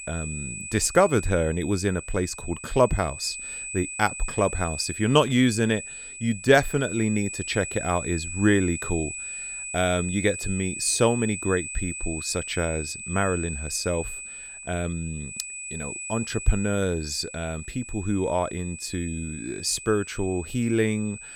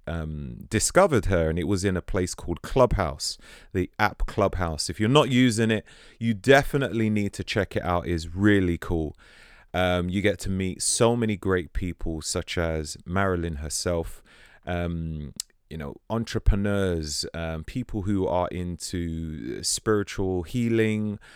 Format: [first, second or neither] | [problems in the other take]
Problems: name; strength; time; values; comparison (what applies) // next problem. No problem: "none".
second | high-pitched whine; loud; throughout; 8 kHz, 8 dB below the speech